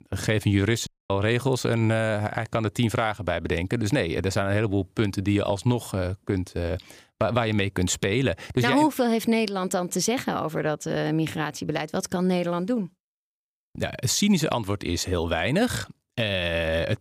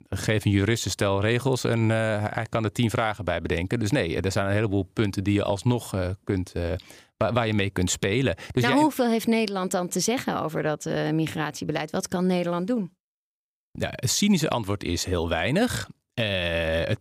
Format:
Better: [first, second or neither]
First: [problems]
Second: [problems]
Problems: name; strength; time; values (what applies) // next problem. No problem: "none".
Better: second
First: audio cutting out; at 1 s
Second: none